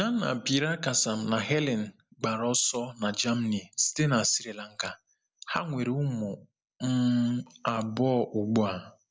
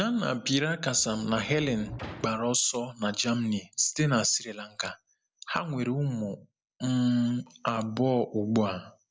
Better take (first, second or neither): first